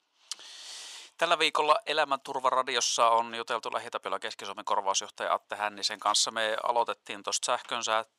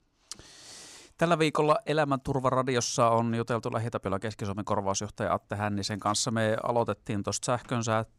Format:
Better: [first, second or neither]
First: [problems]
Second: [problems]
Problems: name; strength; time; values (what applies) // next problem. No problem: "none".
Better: second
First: thin; very; fading below 650 Hz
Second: none